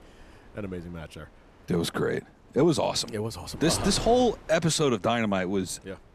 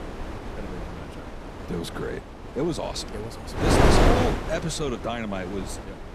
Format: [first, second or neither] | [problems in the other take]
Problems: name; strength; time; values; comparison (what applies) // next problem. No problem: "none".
first | wind noise on the microphone; heavy; 4 dB above the speech; occasional gusts in the first